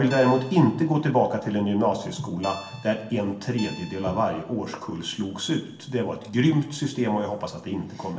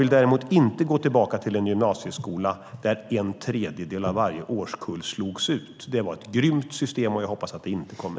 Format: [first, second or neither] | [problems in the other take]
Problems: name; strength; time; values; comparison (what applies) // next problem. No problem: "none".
second | background sound (Guitar); 18 dB below the speech // room echo; dies away in 0.9 s